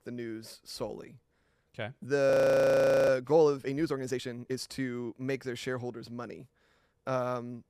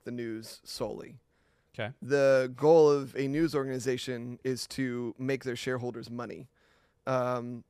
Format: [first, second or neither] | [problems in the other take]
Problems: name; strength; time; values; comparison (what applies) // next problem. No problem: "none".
second | audio freezing; at 2.5 s for 1 s